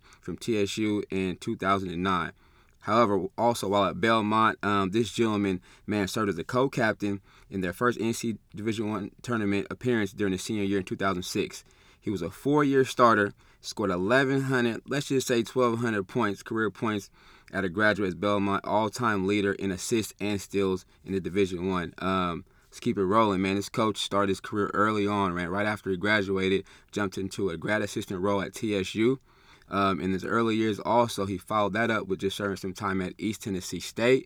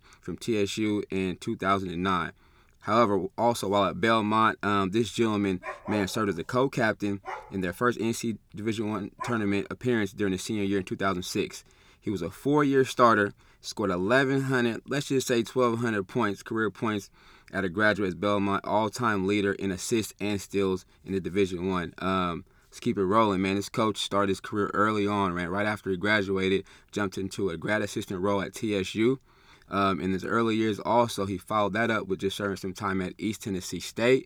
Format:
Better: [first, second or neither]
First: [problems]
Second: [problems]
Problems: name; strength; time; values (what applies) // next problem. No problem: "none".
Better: first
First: none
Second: dog barking; noticeable; from 5.5 to 9.5 s; peak 9 dB below the speech